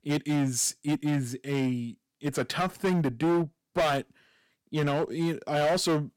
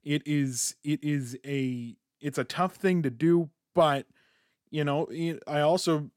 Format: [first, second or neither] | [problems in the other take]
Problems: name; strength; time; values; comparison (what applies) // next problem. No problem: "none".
second | distortion; heavy; 13% of the sound clipped